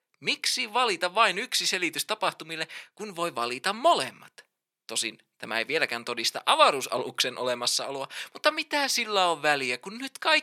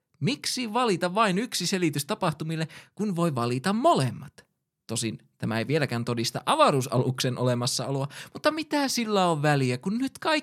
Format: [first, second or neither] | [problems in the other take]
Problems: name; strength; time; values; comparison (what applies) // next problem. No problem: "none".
second | thin; very; fading below 500 Hz